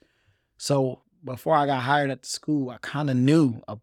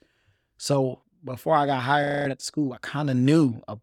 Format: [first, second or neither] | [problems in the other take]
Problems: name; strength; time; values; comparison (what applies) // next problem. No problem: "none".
first | audio freezing; at 2 s